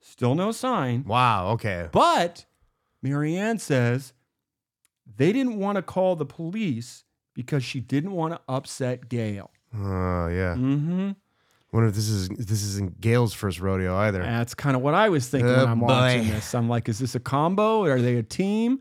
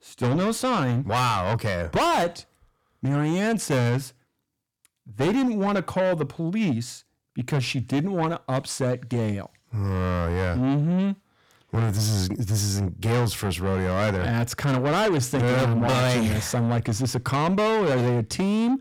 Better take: first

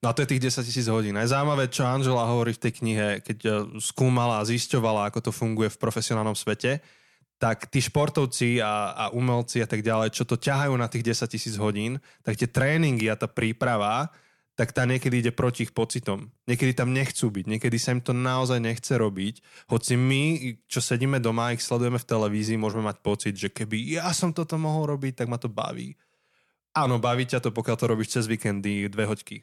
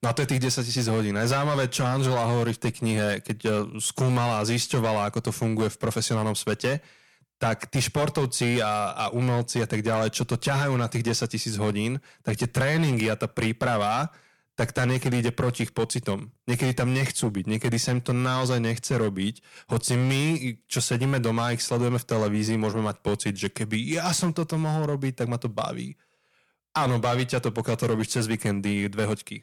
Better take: first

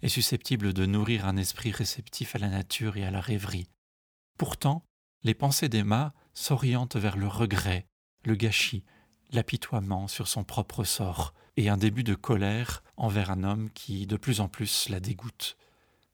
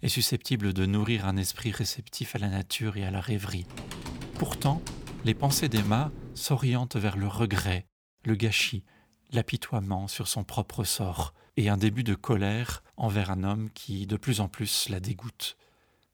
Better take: first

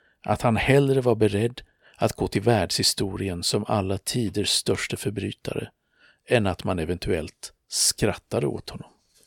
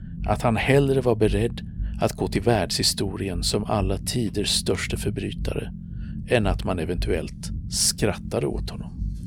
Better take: first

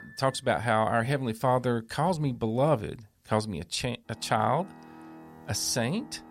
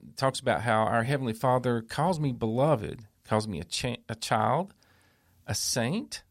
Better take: second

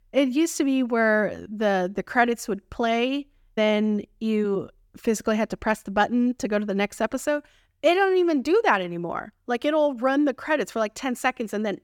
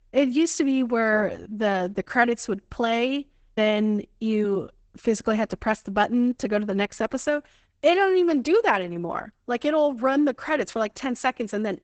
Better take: first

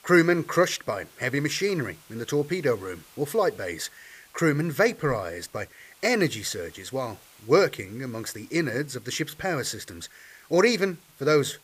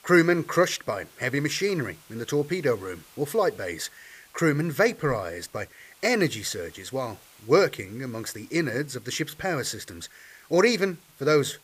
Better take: neither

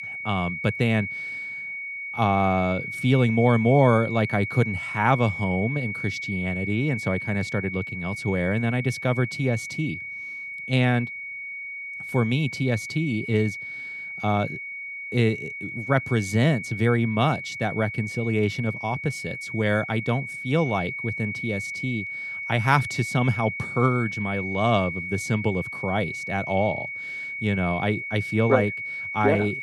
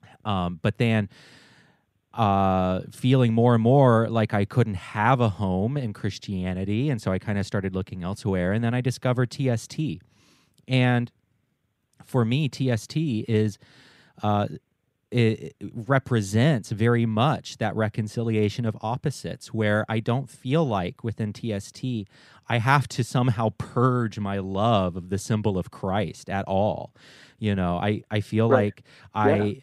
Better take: second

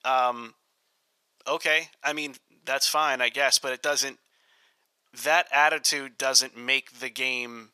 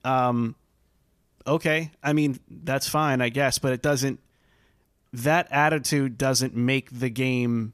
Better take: second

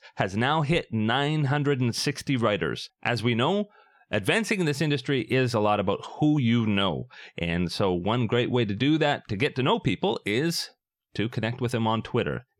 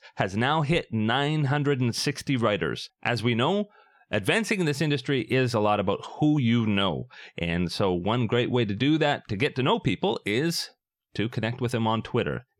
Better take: neither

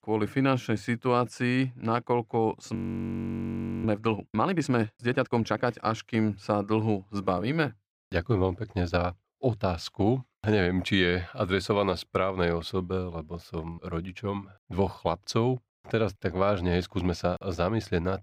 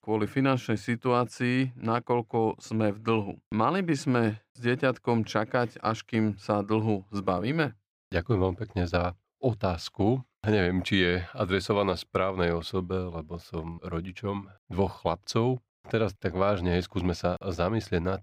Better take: second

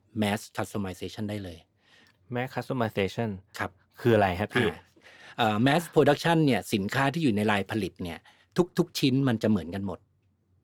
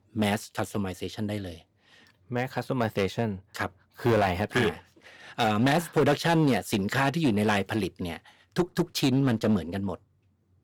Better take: first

